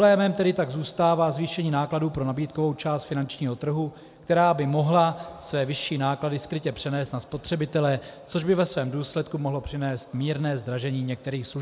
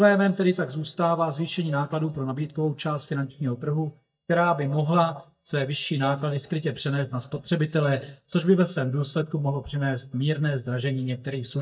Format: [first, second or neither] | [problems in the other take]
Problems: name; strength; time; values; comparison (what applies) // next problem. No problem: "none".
first | noise reduction (neural mask model DeepFilterNet 3)